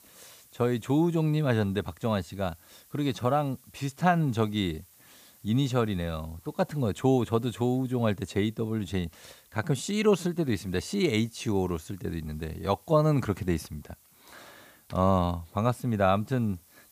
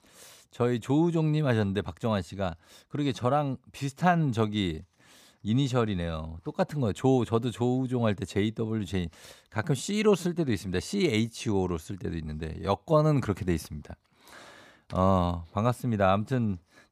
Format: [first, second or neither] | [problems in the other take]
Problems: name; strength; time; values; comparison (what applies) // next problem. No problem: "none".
second | hiss; faint; throughout; 30 dB below the speech